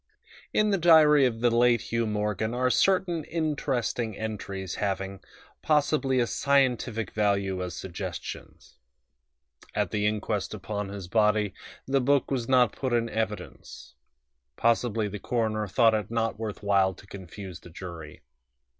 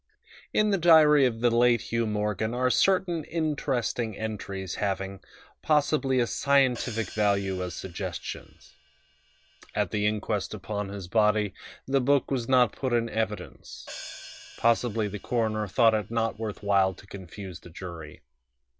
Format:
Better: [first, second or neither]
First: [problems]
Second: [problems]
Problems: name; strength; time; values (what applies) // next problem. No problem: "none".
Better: first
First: none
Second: background sound (Hi-hat); 19 dB below the speech